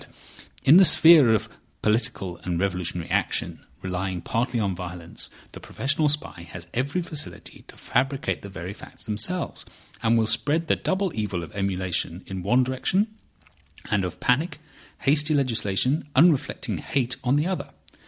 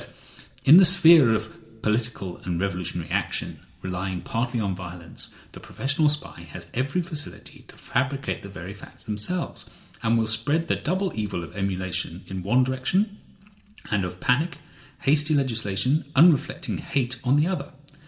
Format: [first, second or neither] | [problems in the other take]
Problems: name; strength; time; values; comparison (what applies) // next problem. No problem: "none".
first | room echo; dies away in 1.4 s